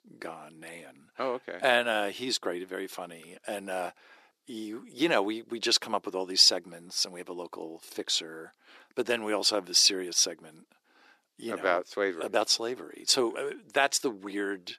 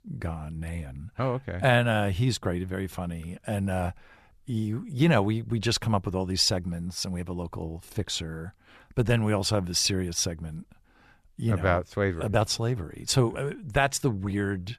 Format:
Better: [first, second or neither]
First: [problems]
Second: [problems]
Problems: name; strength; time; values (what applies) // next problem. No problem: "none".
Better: second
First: thin; somewhat; fading below 300 Hz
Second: none